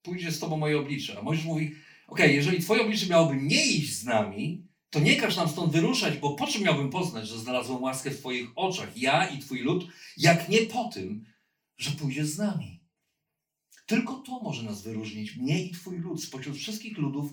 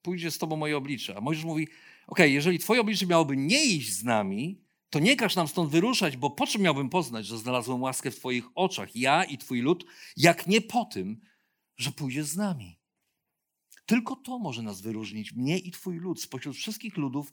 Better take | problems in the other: second | room echo; slight; dies away in 0.3 s // off-mic speech; far

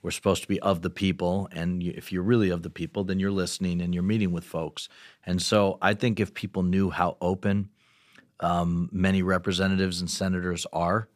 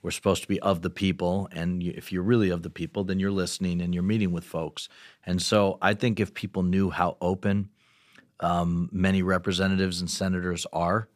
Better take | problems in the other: neither | none

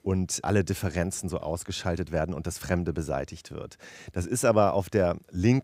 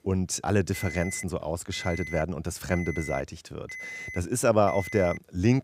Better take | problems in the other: first | alarm; noticeable; from 0.5 s on; peak 8 dB below the speech

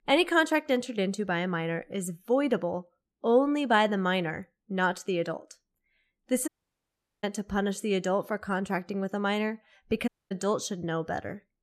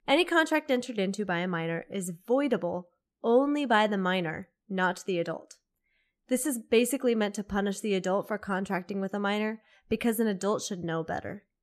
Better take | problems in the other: second | audio cutting out; at 6.5 s for 1 s and at 10 s

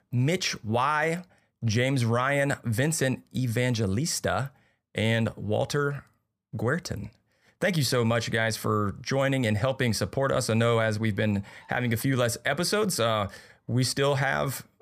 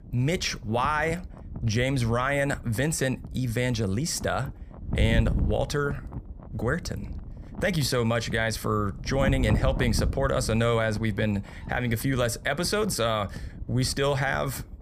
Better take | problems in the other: first | wind noise on the microphone; occasional gusts; 20 dB below the speech

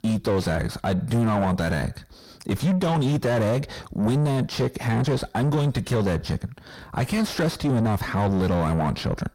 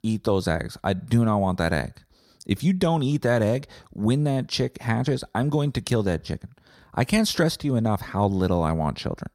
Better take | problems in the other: second | distortion; heavy; 6 dB below the speech

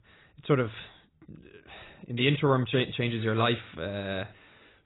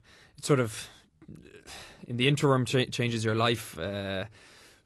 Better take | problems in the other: second | garbled, watery; badly; nothing above 4 kHz; slightly in the second

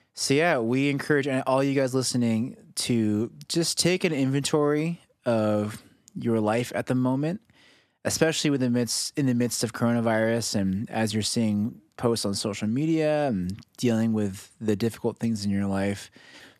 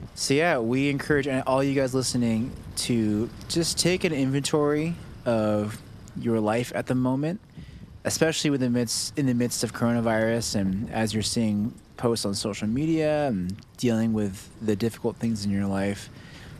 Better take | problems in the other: first | wind noise on the microphone; occasional gusts; 25 dB below the speech

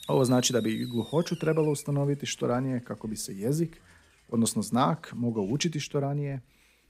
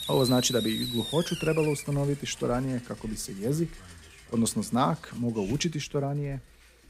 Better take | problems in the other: first | hiss; loud; throughout; 9 dB below the speech; faint in the first

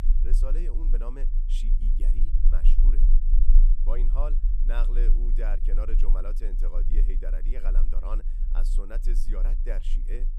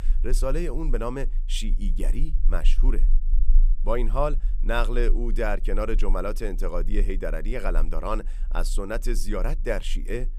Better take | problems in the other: second | low rumble; loud; throughout; 10 dB below the speech; faint in the second

